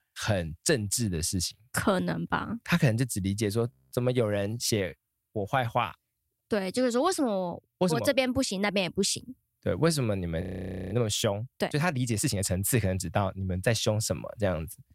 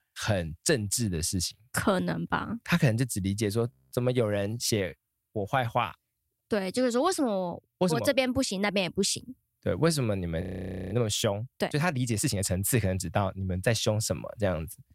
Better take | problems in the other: neither | audio freezing; at 3.5 s and at 10 s for 0.5 s; the same in both

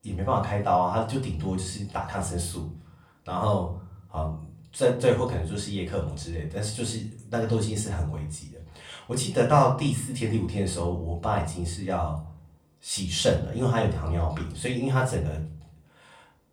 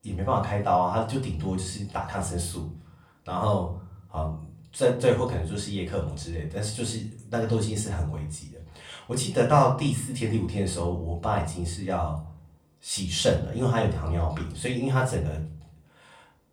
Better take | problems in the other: neither | off-mic speech; far; the same in both // room echo; slight; dies away in 0.4 s; the same in both

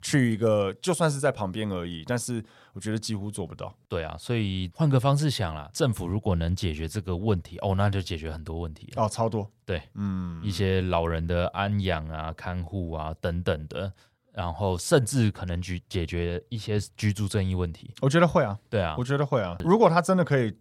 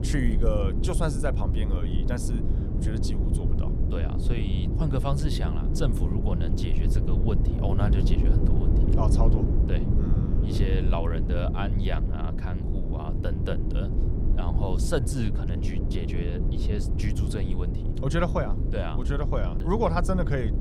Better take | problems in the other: first | low rumble; loud; throughout; 4 dB below the speech

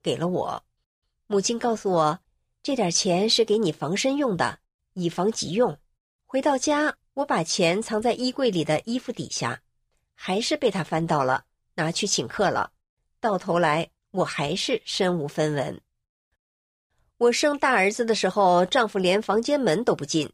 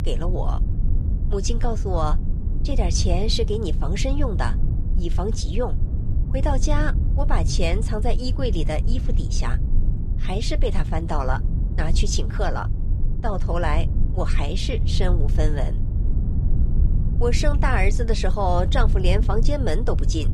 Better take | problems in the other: first | low rumble; noticeable; throughout; 10 dB below the speech

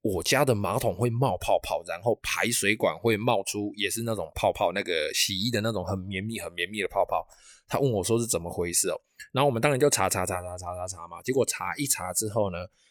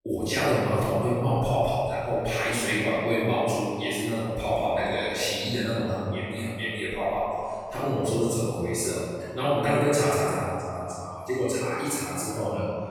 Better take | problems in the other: first | off-mic speech; far // room echo; strong; dies away in 2.3 s

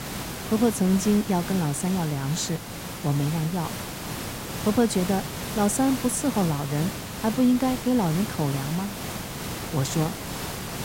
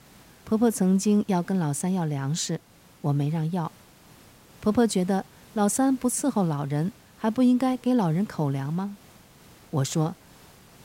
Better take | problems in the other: second | hiss; loud; throughout; 7 dB below the speech; faint in the second

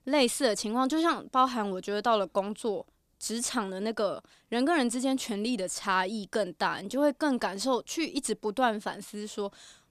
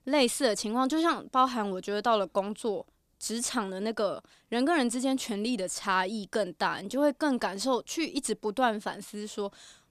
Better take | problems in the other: neither | none

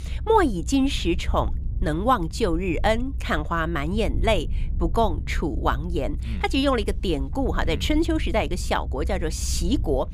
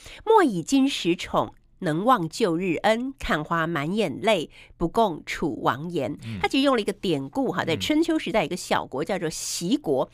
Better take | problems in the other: second | low rumble; faint; throughout; 25 dB below the speech

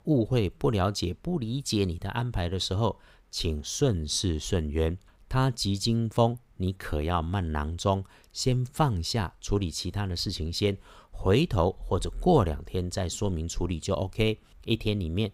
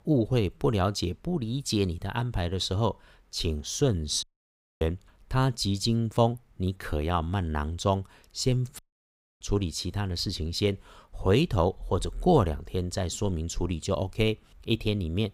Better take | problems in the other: first | audio cutting out; at 4 s for 0.5 s and at 9 s for 0.5 s

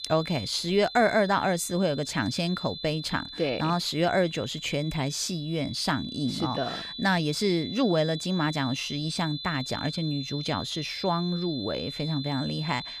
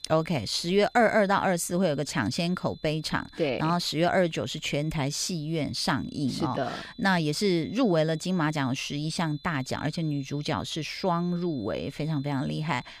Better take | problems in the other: second | high-pitched whine; loud; throughout; 4 kHz, 9 dB below the speech; faint in the second

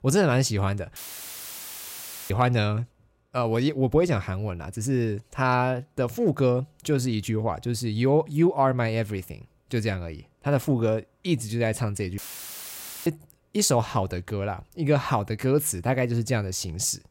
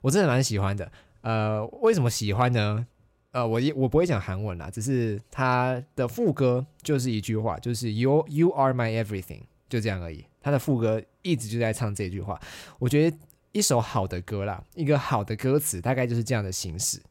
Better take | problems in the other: second | audio cutting out; filled with static; at 1 s for 1.5 s and at 12 s for 1 s

